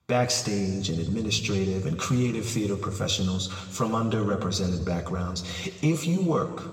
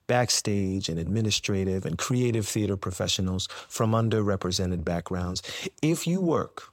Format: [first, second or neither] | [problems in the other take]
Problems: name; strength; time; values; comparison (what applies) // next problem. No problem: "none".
second | room echo; slight; dies away in 1.5 s // off-mic speech; somewhat distant